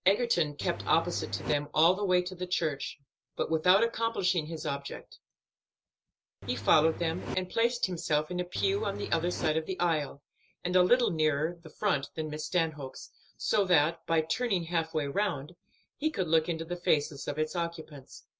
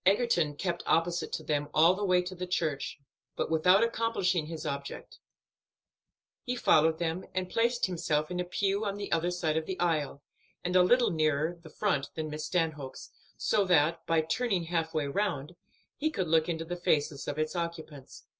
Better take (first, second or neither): second